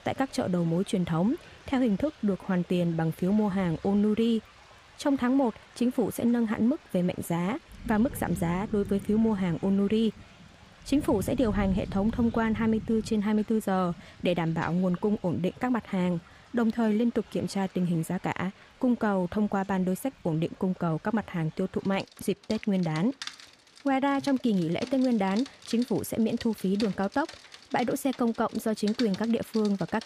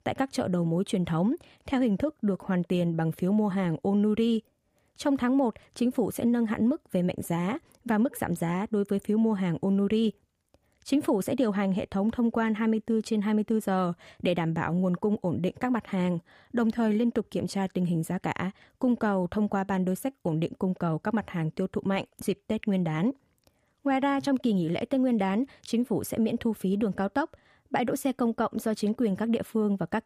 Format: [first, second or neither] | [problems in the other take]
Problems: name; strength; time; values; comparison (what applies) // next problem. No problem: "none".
second | rain or running water; noticeable; throughout; 15 dB below the speech